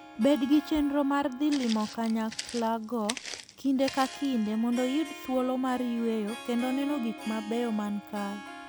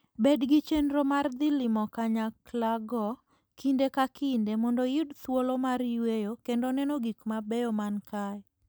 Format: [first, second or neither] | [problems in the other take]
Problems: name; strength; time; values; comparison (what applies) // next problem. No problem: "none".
second | background sound (Walk, footsteps + Harp); 13 dB below the speech